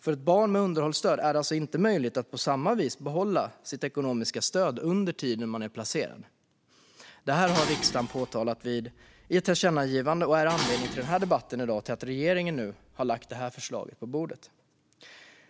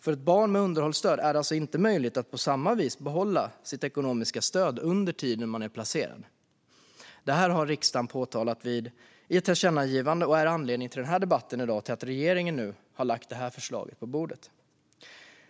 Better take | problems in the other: second | background sound (Dishes, pots, and pans); 10 dB below the speech

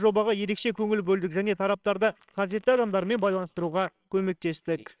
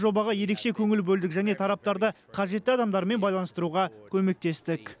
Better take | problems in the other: second | noise reduction (neural separator model SepFormer WHAMR!)

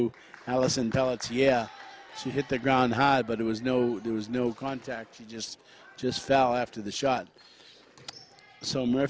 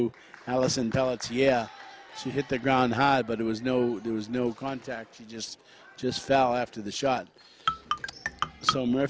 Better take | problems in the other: first | background sound (Marimba, xylophone); 3 dB below the speech

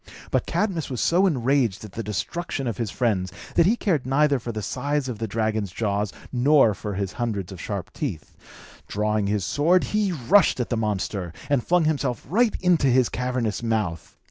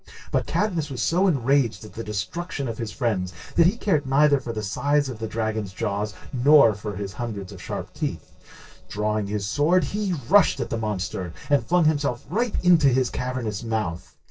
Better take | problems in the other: first | noise reduction (neural separator model SepFormer DNS4)

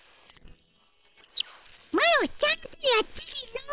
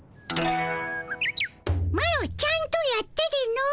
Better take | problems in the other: second | noise reduction (neural separator model SepFormer WHAM!)

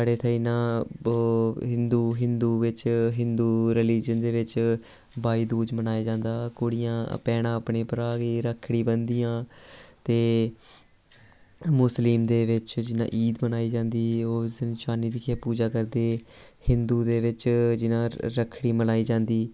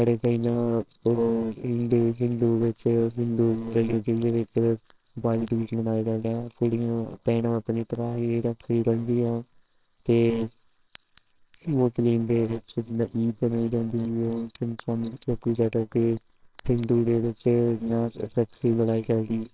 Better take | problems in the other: first | noise reduction (neural separator model SepFormer WHAMR!)

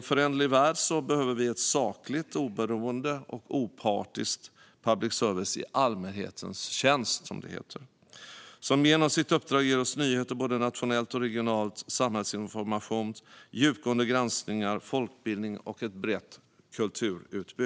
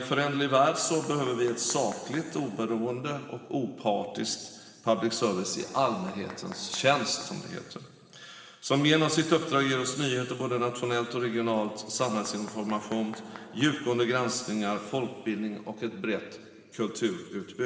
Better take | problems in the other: first | background sound (Mechanisms); 17 dB below the speech // room echo; dies away in 1.7 s

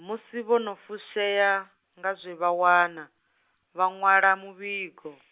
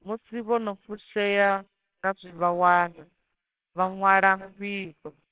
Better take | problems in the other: first | noise reduction (neural separator model SepFormer WHAMR!)

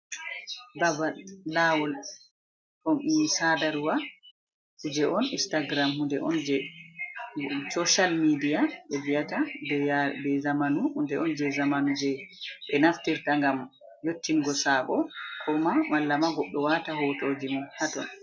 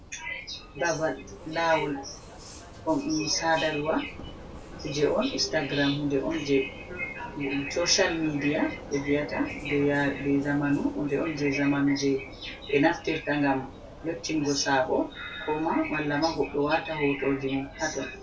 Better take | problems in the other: first | background sound (Vehicle); 15 dB below the speech // room echo; dies away in 0.2 s

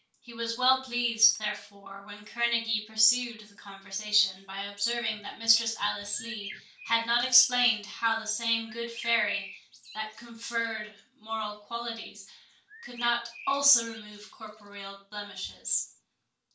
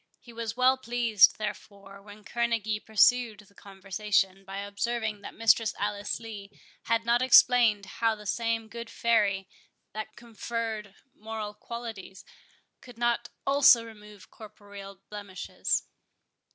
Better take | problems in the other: second | background sound (Bird); 17 dB below the speech // room echo; dies away in 0.3 s

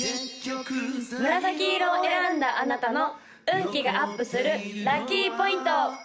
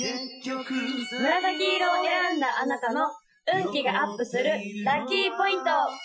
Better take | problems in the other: first | noise reduction (classical method Wiener filter)

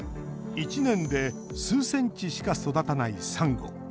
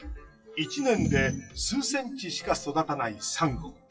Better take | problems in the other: first | noise reduction (classical method WPE with log-MMSE)

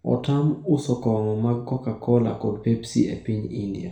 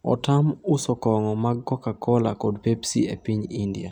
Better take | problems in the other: second | room echo; dies away in 0.4 s

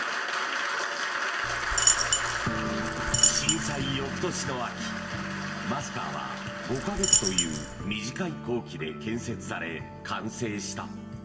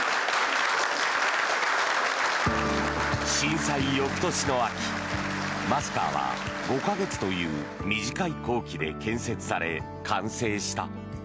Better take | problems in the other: second | background sound (Coin (dropping)); 4 dB above the speech // room echo; dies away in 1.3 s

